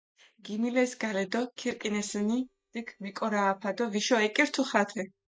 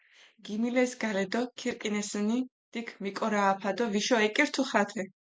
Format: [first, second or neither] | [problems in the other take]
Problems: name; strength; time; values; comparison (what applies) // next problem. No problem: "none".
second | noise reduction (neural mask model DeepFilterNet 3)